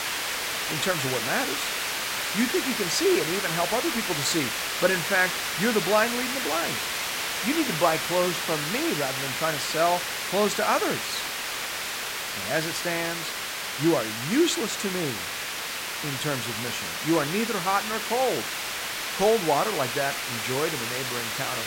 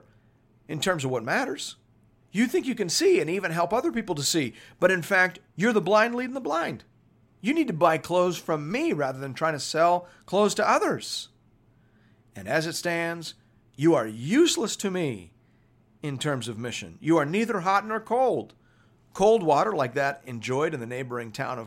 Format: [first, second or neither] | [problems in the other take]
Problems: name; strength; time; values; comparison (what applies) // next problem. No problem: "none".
second | hiss; loud; throughout; 1 dB below the speech